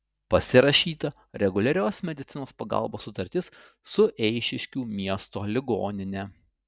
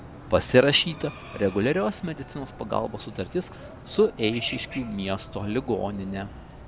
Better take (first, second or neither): first